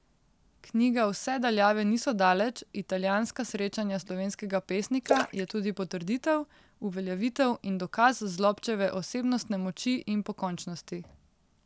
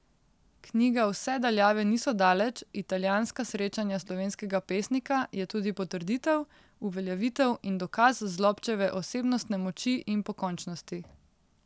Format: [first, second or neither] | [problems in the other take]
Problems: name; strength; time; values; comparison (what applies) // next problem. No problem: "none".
second | background sound (Splash, splatter); 6 dB below the speech